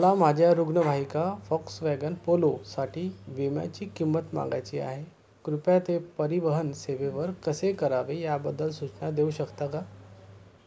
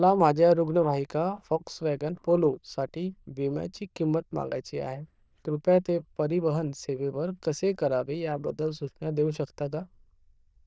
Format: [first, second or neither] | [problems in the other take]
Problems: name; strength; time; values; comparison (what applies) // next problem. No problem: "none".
first | noise reduction (neural diffusion model UNIVERSE++)